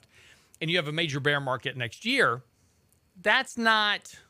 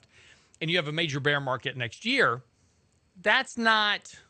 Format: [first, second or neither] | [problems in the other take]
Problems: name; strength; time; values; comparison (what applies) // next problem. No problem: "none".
first | garbled, watery; slightly; nothing above 8.5 kHz